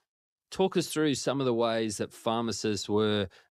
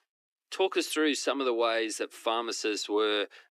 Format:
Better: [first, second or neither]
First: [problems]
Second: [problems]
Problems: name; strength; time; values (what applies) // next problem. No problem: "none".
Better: first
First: none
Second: thin; somewhat; fading below 300 Hz